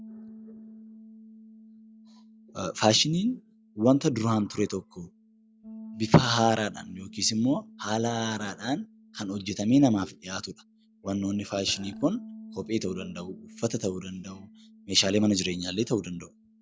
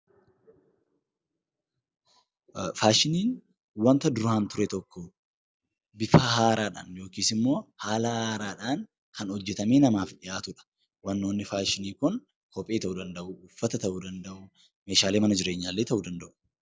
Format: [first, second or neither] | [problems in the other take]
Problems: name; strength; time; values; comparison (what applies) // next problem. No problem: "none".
second | background sound (Burping, eructation + Bass guitar); 20 dB below the speech